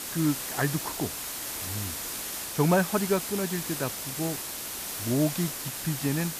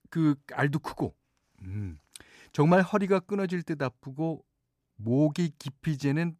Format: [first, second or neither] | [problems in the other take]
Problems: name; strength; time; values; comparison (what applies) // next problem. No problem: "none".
second | hiss; loud; throughout; 3 dB below the speech